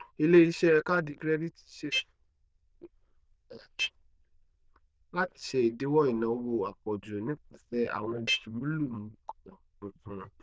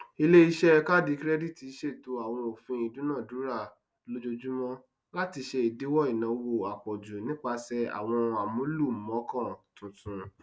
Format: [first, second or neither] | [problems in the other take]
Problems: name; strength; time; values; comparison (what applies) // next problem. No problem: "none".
second | noise reduction (neural diffusion model UNIVERSE++)